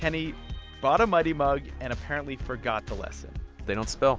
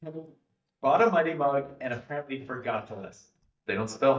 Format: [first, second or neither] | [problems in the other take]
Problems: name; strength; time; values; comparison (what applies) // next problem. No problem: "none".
first | noise reduction (neural mask model DeepFilterNet 3)